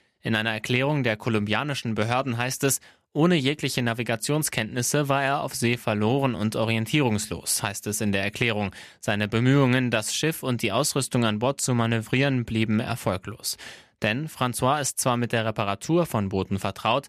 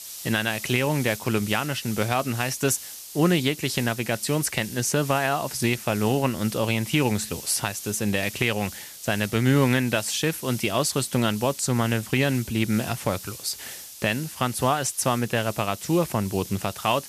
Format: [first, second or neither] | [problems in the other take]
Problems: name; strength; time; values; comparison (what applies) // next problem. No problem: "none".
first | hiss; noticeable; throughout; 10 dB below the speech